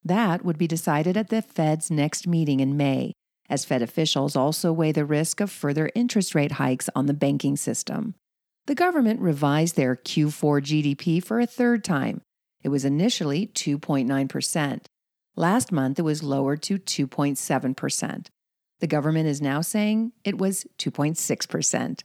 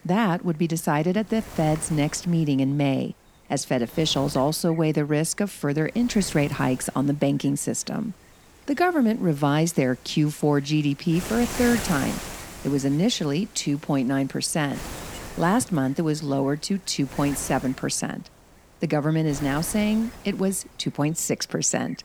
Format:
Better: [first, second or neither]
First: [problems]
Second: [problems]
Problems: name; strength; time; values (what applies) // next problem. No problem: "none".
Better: first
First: none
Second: wind noise on the microphone; occasional gusts; 15 dB below the speech